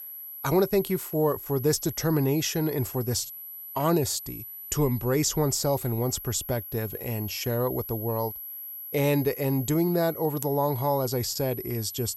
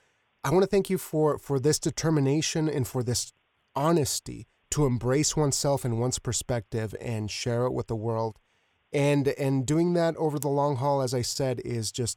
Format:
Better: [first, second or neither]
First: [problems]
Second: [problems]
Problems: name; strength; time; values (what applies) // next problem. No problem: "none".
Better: second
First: high-pitched whine; loud; throughout; 12 kHz, 10 dB below the speech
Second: none